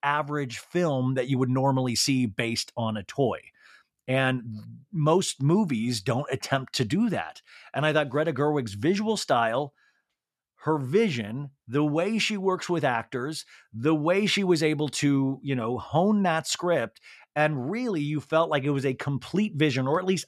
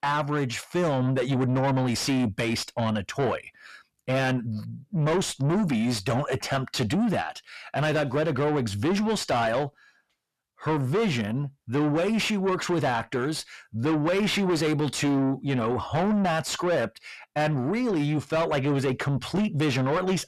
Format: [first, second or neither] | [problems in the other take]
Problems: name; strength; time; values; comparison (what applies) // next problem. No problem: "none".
first | distortion; heavy; 7 dB below the speech